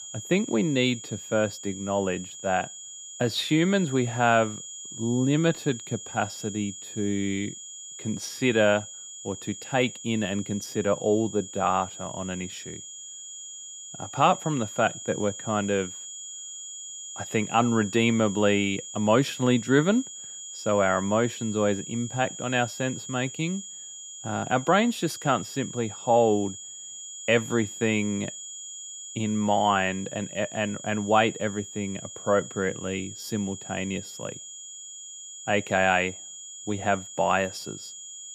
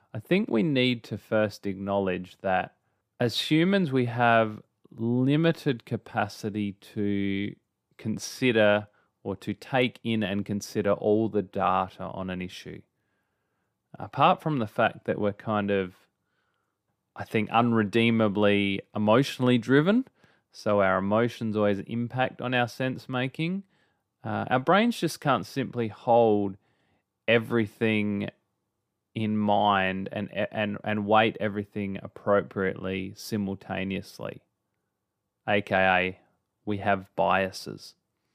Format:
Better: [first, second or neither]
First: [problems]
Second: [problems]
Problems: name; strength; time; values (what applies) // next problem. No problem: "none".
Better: second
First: high-pitched whine; noticeable; throughout; 7 kHz, 10 dB below the speech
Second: none